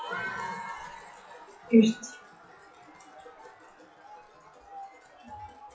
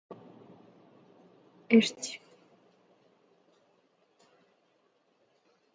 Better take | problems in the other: second | noise reduction (classical method WPE with log-MMSE)

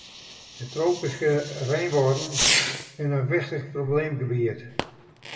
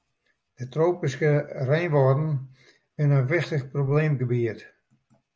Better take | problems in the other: second | background sound (Fireworks); 5 dB below the speech // room echo; dies away in 1.4 s

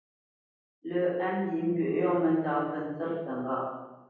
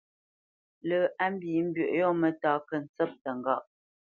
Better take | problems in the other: second | room echo; dies away in 1.3 s

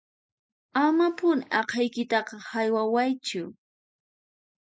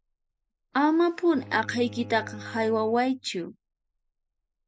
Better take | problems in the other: first | background sound (Bowed string instrument); 19 dB below the speech

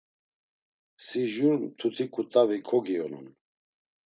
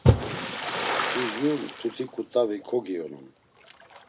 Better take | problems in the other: first | background sound (Splash, splatter); 2 dB above the speech

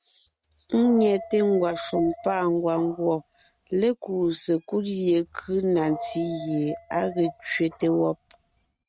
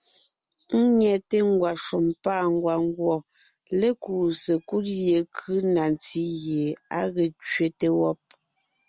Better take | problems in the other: second | noise reduction (neural mask model RNNoise)

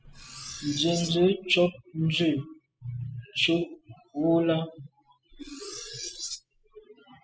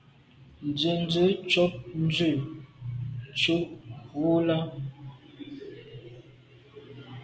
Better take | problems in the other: second | noise reduction (classical method spectral subtraction)

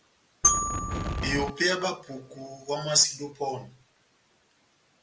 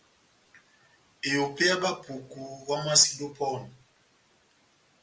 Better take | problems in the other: second | background sound (Glockenspiel + Wind); 1 dB above the speech

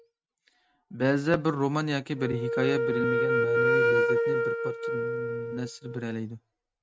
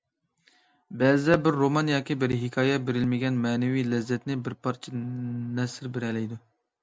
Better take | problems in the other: second | noise reduction (neural mask model RNNoise)

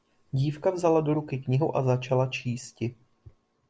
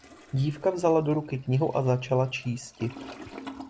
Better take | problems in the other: first | background sound (Toilet flush); 18 dB below the speech

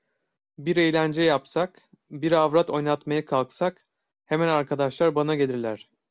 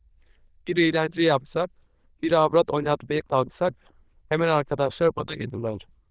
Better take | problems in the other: first | noise reduction (neural diffusion model UNIVERSE++)

